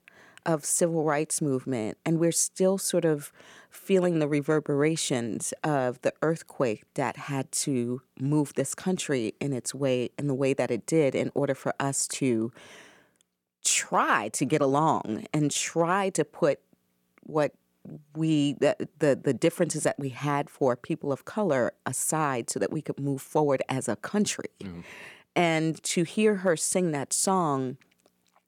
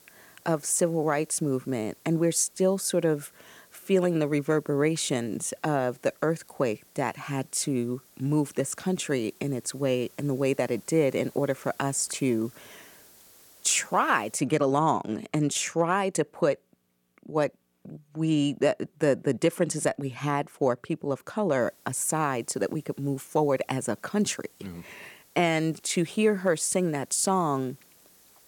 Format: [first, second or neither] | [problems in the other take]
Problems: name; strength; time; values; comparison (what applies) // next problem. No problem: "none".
first | hiss; faint; until 14 s and from 22 s on; 25 dB below the speech